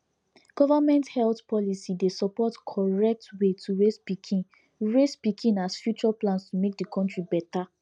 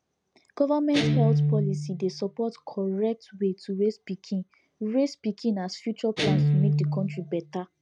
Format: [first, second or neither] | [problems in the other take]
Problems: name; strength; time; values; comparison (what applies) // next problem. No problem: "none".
first | background sound (Guitar); as loud as the speech